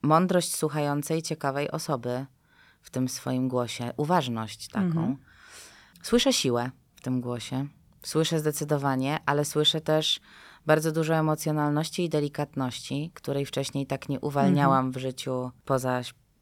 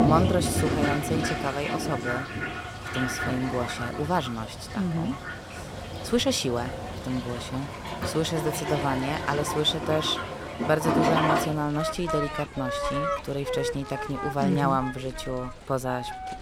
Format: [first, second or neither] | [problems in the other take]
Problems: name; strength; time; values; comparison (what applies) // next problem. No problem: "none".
first | household noises; loud; throughout; 2 dB below the speech